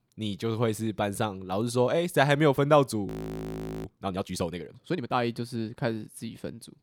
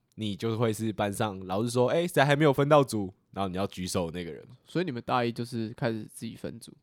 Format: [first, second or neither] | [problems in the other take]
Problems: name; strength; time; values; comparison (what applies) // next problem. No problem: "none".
second | audio freezing; at 3 s for 1 s